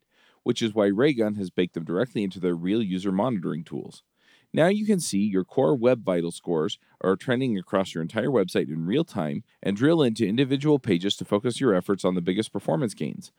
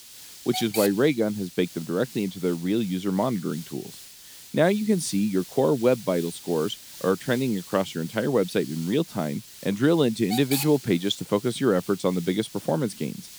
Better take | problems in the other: first | hiss; noticeable; throughout; 15 dB below the speech

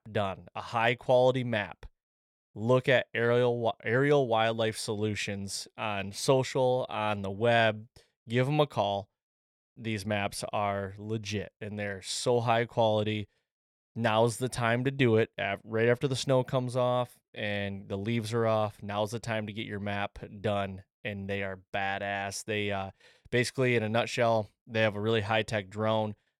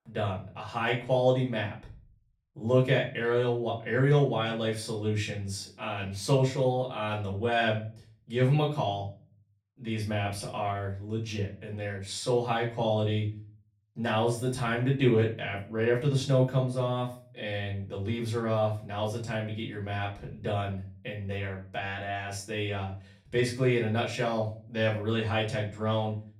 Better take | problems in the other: first | off-mic speech; far // room echo; slight; dies away in 0.4 s

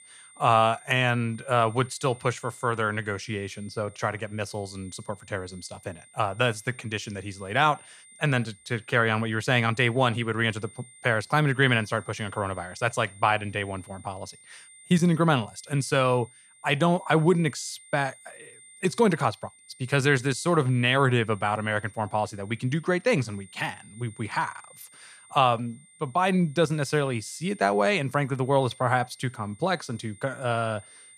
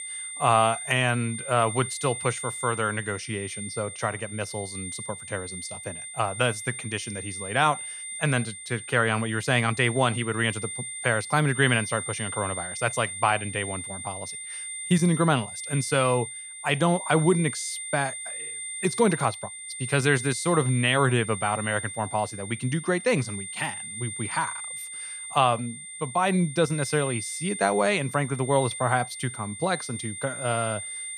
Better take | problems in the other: first | high-pitched whine; loud; throughout; 9 kHz, 8 dB below the speech; faint in the first

